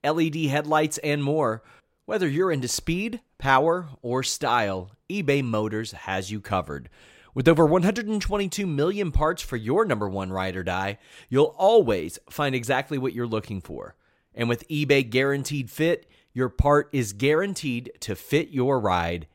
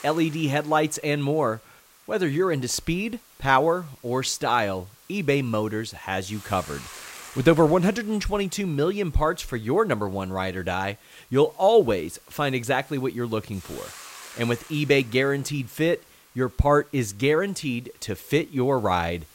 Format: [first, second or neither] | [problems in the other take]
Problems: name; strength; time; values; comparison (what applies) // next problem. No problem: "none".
first | hiss; faint; throughout; 20 dB below the speech